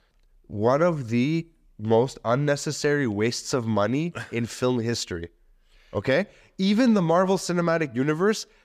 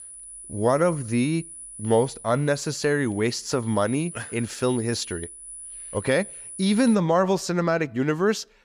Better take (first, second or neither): first